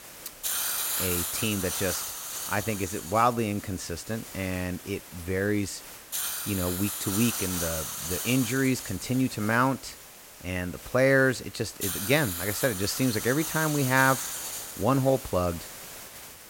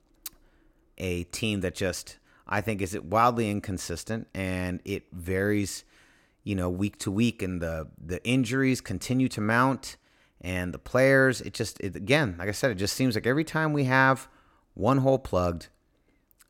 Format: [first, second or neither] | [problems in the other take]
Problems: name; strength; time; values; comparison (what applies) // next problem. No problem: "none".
second | hiss; loud; throughout; 4 dB below the speech